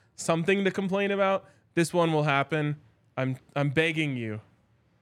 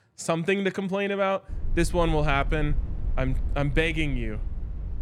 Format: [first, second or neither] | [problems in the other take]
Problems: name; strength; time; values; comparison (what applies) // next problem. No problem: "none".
first | low rumble; faint; from 1.5 s on; 25 dB below the speech